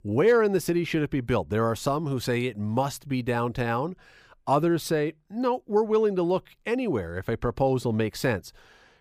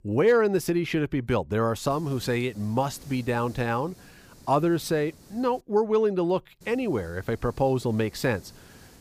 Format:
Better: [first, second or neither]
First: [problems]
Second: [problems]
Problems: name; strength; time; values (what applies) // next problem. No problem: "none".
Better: first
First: none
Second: hiss; faint; from 2 to 5.5 s and from 6.5 s on; 25 dB below the speech